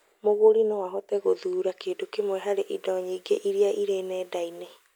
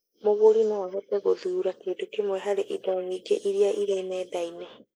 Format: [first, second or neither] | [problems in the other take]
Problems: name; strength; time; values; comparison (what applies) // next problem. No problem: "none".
first | noise reduction (neural mask model Resemble Enhance denoiser)